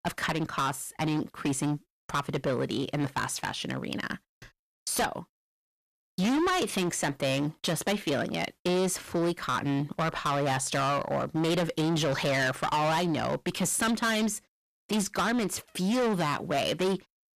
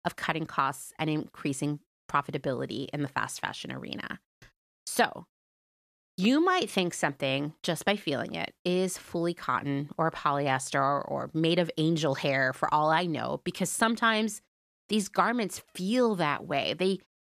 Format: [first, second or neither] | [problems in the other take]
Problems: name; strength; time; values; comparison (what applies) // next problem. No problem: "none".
second | distortion; heavy; 17% of the sound clipped